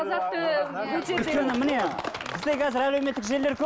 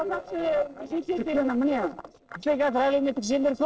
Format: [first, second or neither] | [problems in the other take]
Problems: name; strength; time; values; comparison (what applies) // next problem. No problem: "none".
first | noise reduction (neural separator model SepFormer DNS4)